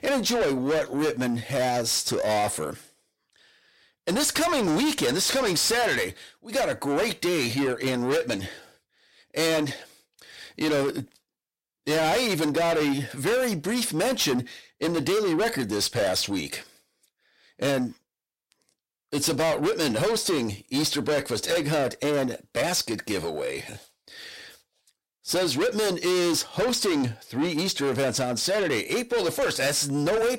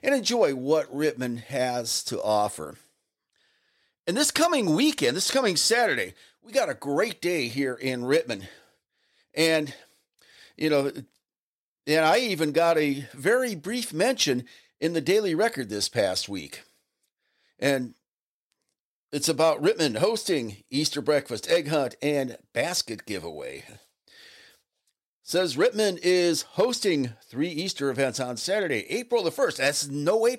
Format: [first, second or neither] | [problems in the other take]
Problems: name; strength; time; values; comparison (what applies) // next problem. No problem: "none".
second | distortion; heavy; 6 dB below the speech